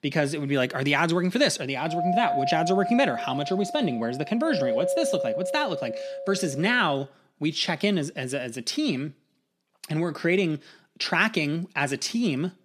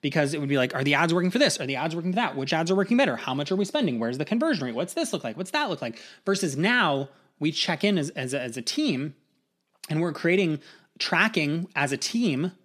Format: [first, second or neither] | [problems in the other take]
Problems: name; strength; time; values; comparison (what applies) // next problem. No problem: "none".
second | doorbell; loud; from 2 to 7 s; peak level with the speech